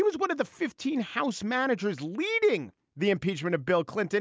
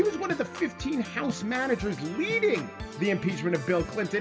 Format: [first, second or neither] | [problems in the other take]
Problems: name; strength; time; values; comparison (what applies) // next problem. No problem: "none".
first | background sound (Organ); 11 dB below the speech // room echo; dies away in 2.9 s